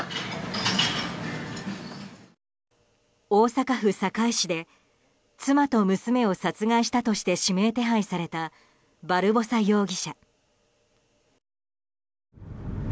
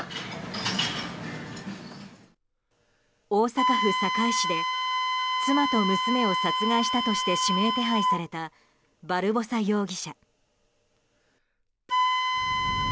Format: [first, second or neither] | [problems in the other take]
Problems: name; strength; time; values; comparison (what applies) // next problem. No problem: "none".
first | background sound (Wind instrument, woodwind instrument); as loud as the speech